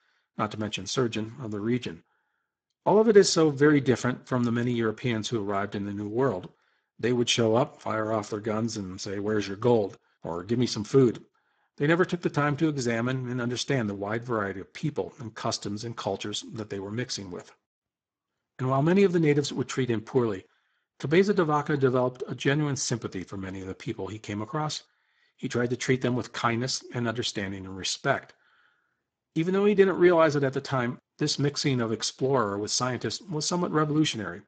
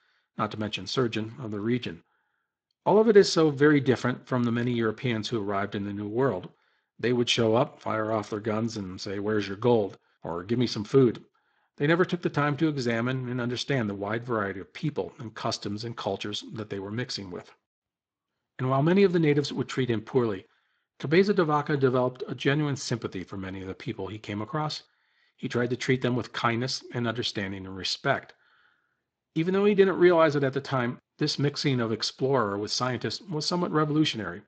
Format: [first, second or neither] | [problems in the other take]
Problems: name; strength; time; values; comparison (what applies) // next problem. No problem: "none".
second | garbled, watery; badly; nothing above 7.5 kHz; slightly in the second